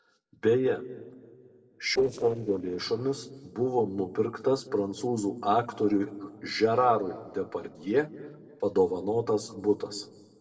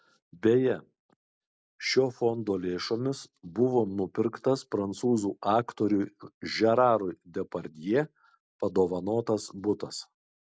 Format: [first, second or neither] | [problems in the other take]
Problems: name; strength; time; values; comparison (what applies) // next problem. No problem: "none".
second | noise reduction (neural separator model SepFormer DNS4)